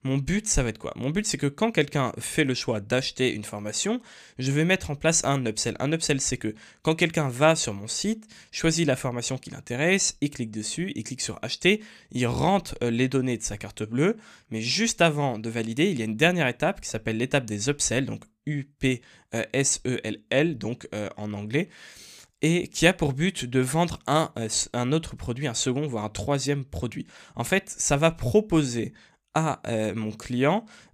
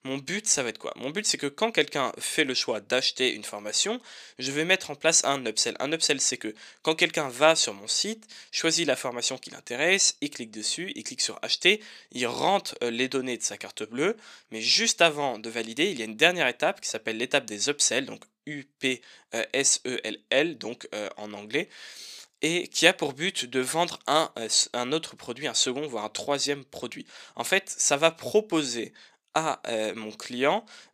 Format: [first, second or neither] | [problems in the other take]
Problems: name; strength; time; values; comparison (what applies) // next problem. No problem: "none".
first | thin; somewhat; fading below 350 Hz